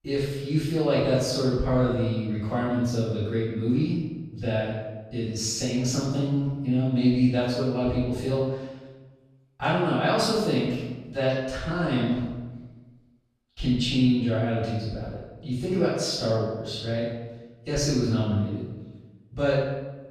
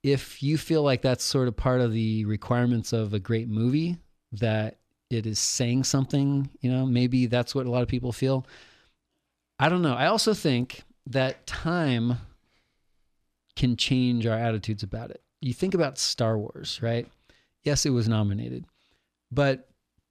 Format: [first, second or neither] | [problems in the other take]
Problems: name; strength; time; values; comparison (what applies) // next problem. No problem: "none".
second | off-mic speech; far // room echo; strong; dies away in 1 s